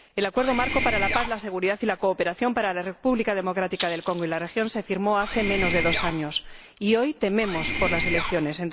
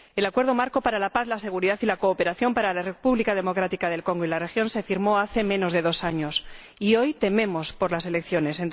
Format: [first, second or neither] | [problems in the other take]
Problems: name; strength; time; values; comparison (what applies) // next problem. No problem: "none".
second | background sound (Rattle (instrument) + Mechanisms); 3 dB below the speech